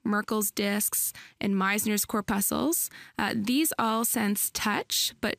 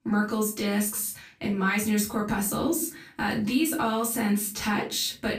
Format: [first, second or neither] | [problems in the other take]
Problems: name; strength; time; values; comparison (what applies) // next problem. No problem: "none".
first | off-mic speech; far // room echo; slight; dies away in 0.3 s